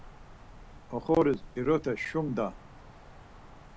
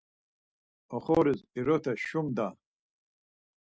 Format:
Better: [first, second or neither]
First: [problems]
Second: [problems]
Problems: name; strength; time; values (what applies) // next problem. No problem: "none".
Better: second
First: background sound (Wind); 16 dB below the speech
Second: none